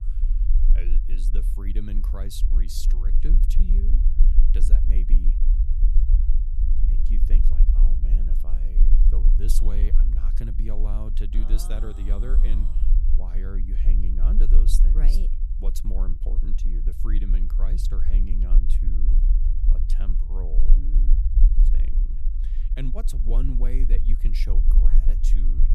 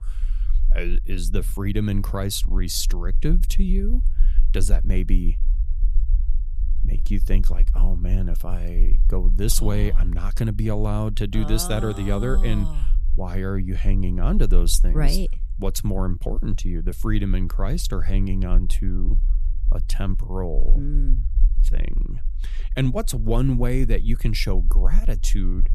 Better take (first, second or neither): second